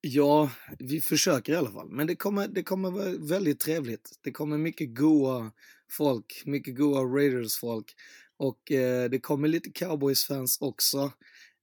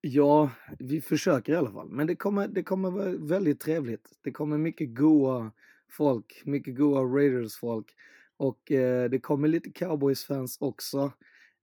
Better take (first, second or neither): first